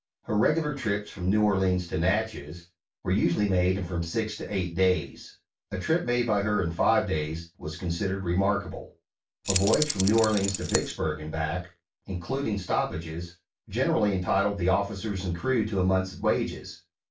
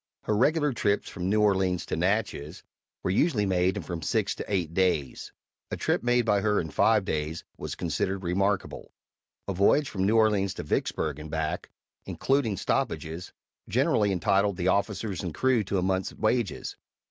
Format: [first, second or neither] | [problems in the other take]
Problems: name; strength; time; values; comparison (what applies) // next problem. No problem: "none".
second | background sound (Keys jangling); 4 dB below the speech // room echo; dies away in 0.2 s